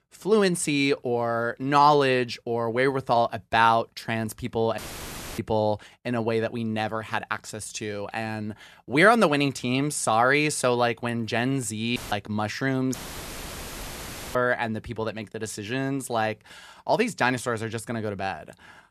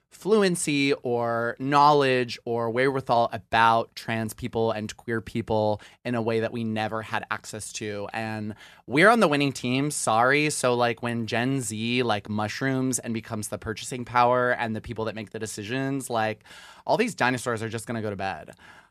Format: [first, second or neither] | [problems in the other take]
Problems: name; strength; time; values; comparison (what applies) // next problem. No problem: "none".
second | audio cutting out; filled with static; at 5 s for 0.5 s, at 12 s and at 13 s for 1.5 s